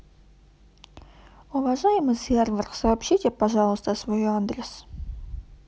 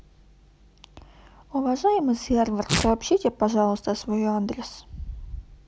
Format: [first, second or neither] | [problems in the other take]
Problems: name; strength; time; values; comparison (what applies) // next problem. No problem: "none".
first | background sound (Tearing); 7 dB below the speech